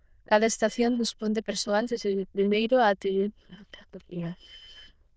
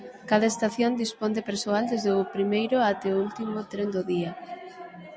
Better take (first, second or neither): second